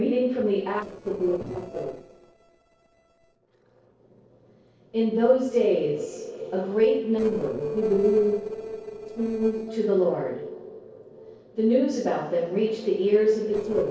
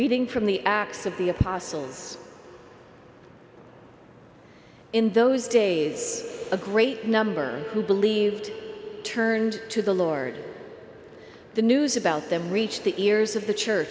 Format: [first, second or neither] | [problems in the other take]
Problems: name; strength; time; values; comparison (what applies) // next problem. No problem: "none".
second | noise reduction (neural separator model SepFormer DNS4)